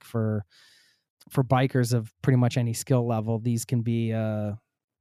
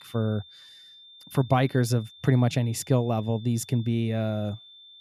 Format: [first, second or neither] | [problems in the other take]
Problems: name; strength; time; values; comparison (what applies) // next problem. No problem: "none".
first | high-pitched whine; faint; throughout; 3.5 kHz, 20 dB below the speech